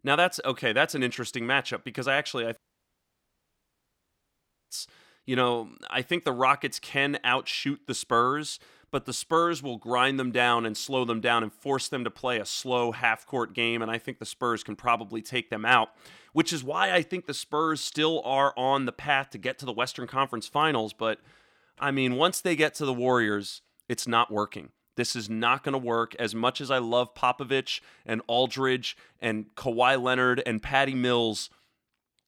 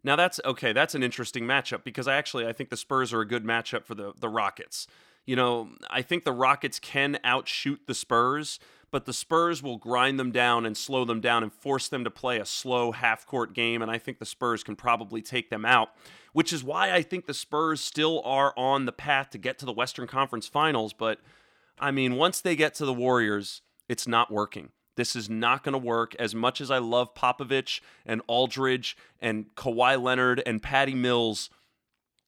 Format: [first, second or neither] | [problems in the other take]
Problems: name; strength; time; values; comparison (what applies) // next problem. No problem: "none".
second | audio cutting out; at 2.5 s for 2 s